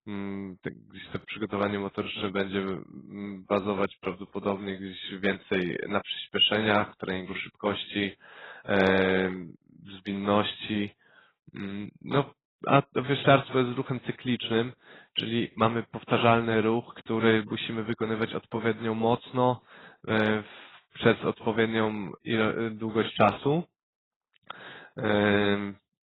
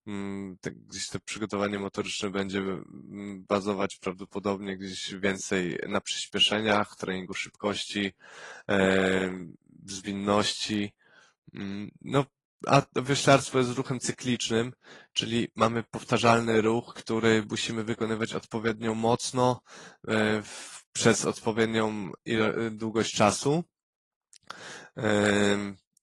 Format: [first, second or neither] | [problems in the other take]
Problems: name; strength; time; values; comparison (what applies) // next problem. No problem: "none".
second | garbled, watery; badly; nothing above 4 kHz; slightly in the second